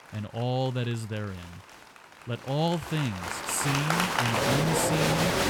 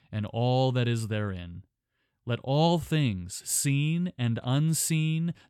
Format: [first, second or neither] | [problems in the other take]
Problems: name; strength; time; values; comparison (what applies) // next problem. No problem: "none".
second | crowd noise; very loud; throughout; 3 dB above the speech